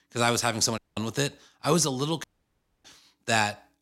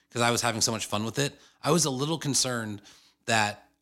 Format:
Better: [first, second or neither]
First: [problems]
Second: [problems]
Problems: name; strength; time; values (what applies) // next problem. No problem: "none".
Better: second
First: audio cutting out; at 1 s and at 2 s for 0.5 s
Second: none